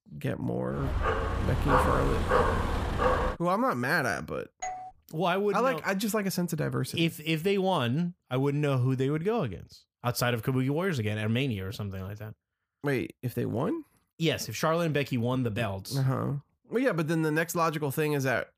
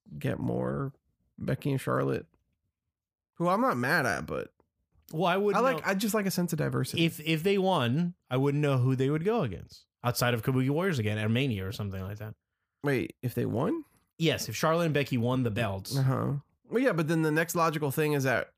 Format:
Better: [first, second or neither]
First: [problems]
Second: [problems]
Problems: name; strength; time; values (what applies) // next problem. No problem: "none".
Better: second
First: dog barking; loud; from 0.5 to 3.5 s; peak 4 dB above the speech // doorbell; noticeable; at 4.5 s; peak 9 dB below the speech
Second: none